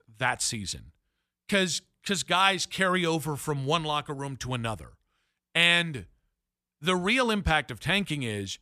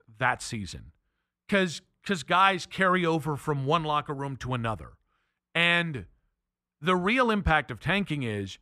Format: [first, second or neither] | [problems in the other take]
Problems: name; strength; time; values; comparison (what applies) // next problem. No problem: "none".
first | muffled; slightly; fading above 3 kHz